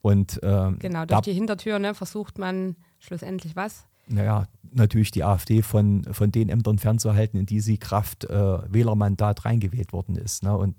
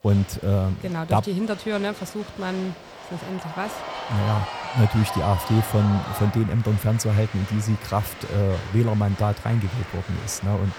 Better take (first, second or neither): first